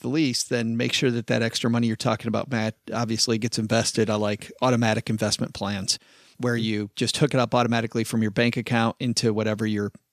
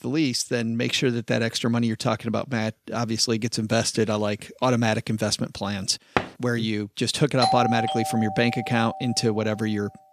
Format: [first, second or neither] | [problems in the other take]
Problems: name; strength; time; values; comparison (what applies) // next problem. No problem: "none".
first | door banging; noticeable; at 6 s; peak 3 dB below the speech // doorbell; loud; from 7.5 to 9 s; peak 1 dB above the speech